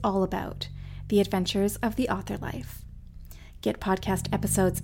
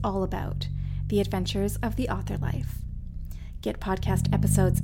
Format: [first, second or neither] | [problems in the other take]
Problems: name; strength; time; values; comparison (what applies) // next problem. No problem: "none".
first | low rumble; loud; throughout; 10 dB below the speech; faint in the first